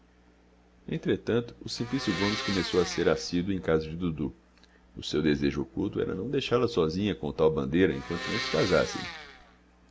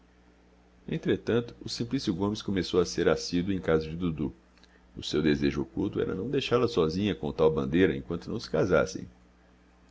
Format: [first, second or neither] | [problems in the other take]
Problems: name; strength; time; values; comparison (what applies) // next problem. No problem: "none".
second | background sound (Domestic sounds, home sounds); 8 dB below the speech